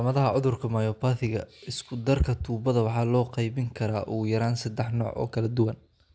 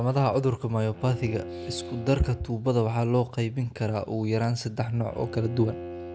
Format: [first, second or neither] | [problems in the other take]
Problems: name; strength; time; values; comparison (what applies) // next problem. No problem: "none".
first | background sound (Bowed string instrument); 15 dB below the speech